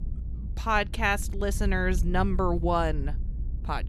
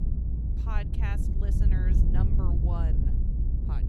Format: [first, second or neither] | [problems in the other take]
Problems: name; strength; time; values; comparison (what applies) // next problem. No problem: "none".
first | low rumble; loud; throughout; as loud as the speech; faint in the first